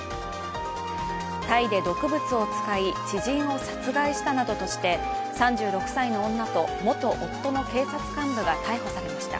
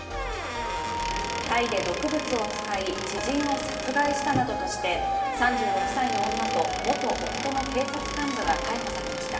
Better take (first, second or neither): first